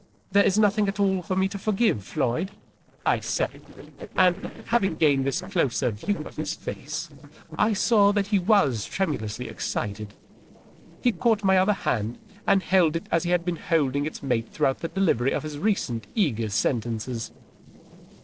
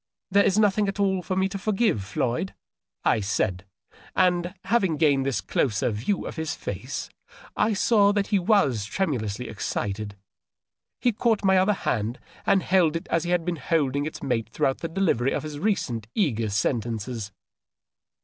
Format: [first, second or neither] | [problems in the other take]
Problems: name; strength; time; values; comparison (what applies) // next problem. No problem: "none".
second | noise reduction (neural separator model SepFormer DNS4)